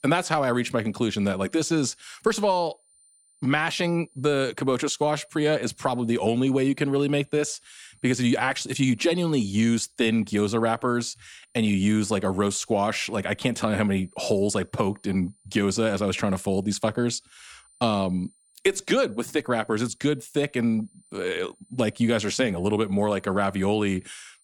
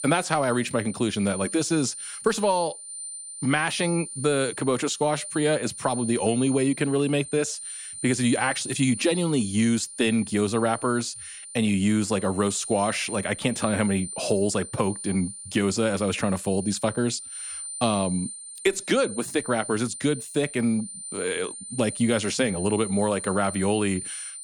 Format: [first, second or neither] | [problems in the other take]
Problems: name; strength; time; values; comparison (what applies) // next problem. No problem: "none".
first | high-pitched whine; loud; throughout; 9 kHz, 9 dB below the speech; faint in the first